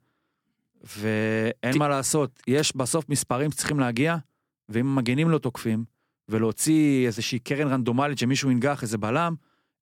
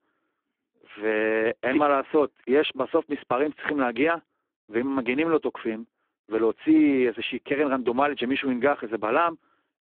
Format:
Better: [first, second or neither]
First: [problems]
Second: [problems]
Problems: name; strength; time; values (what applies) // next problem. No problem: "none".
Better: first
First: none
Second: phone-call audio; poor line